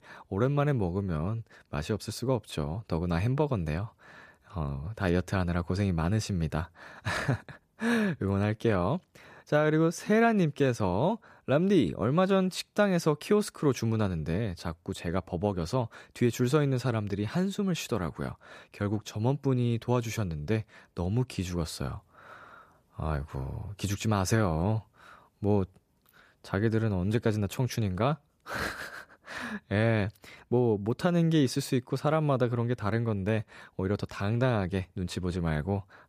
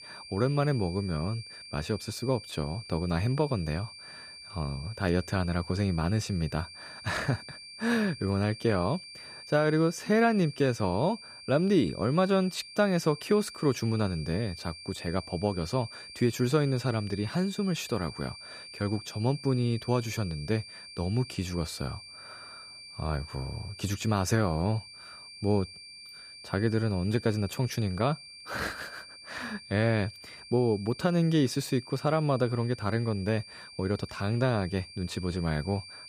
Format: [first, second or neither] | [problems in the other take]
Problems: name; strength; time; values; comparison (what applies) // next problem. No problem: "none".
first | high-pitched whine; noticeable; throughout; 4.5 kHz, 15 dB below the speech